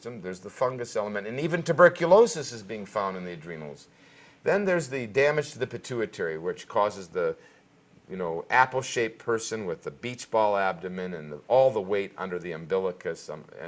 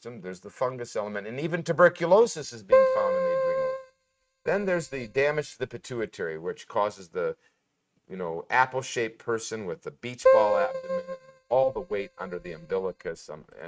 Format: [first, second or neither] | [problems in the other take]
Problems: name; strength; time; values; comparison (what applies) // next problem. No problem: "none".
first | noise reduction (neural mask model RNNoise)